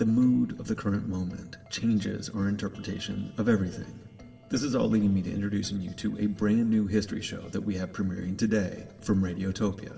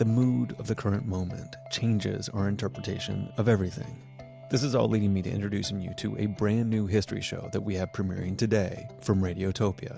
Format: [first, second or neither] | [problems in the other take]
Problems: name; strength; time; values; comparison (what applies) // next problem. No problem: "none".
second | room echo; dies away in 3 s